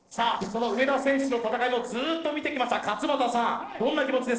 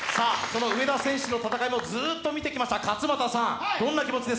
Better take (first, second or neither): second